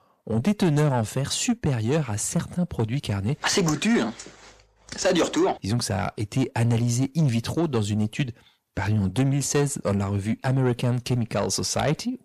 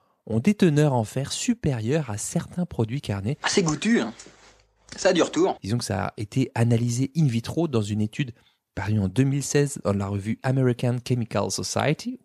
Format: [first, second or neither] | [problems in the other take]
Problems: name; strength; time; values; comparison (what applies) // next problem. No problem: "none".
second | distortion; slight; 10 dB below the speech